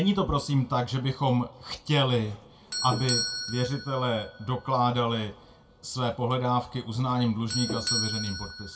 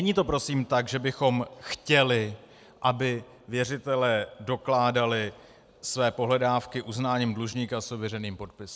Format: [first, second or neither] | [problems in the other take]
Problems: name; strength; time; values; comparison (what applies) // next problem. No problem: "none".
second | background sound (Doorbell); 9 dB below the speech // room echo; dies away in 0.2 s